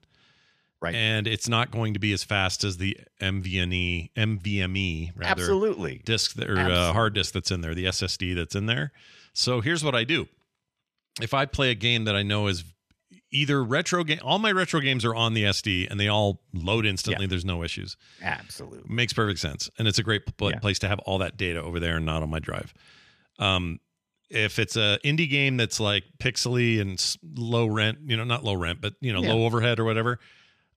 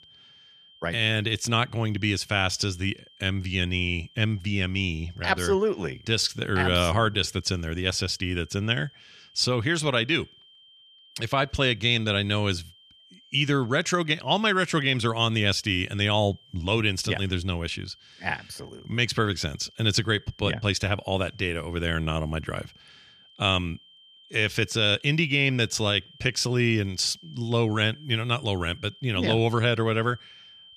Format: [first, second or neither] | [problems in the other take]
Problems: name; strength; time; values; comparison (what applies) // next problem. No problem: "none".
first | high-pitched whine; faint; throughout; 3 kHz, 25 dB below the speech